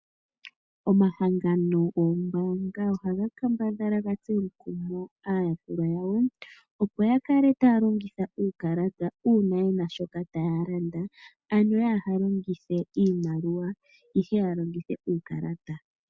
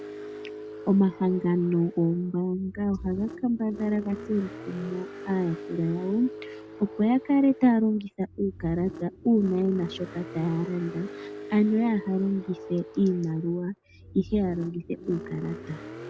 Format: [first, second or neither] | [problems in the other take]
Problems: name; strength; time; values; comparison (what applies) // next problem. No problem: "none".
first | background sound (Car); 14 dB below the speech